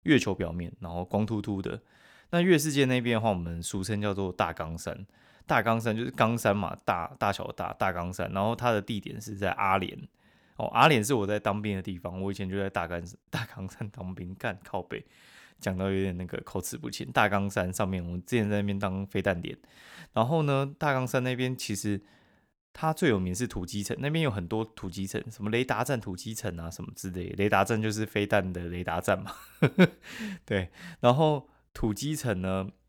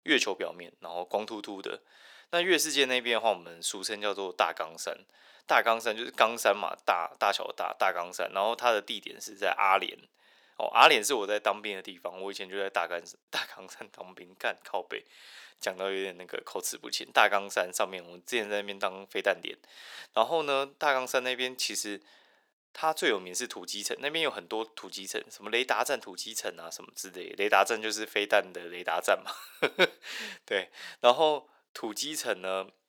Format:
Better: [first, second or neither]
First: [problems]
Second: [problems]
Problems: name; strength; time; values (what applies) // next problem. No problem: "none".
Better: first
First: none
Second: thin; very; fading below 400 Hz